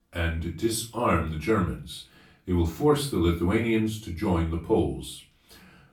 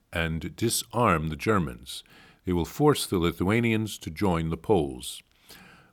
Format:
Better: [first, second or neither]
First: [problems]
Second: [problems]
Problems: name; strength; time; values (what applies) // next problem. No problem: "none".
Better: second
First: off-mic speech; far // room echo; slight; dies away in 0.3 s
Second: none